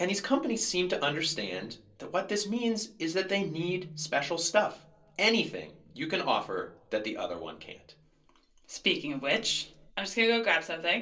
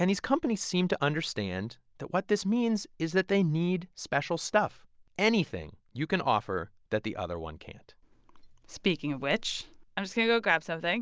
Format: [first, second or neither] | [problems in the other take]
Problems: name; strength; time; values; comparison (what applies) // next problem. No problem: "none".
second | room echo; dies away in 0.3 s